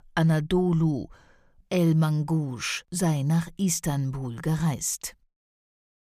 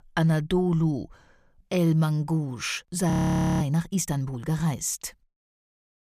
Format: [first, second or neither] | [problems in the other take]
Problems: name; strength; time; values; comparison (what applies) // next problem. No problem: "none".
first | audio freezing; at 3 s for 0.5 s